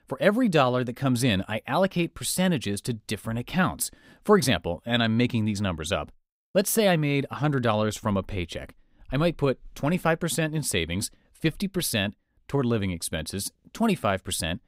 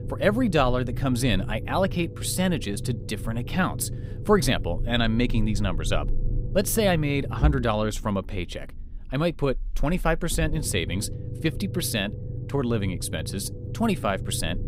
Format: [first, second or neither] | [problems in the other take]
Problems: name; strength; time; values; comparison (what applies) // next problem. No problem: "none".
first | low rumble; noticeable; throughout; 15 dB below the speech